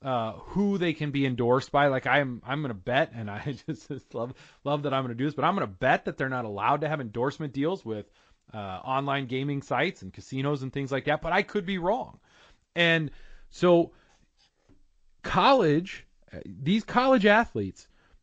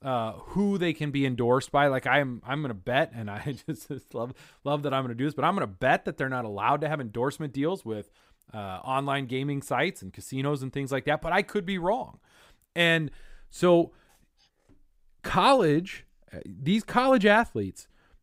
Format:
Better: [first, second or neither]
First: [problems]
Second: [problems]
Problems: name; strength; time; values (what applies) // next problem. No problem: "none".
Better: second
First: garbled, watery; slightly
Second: none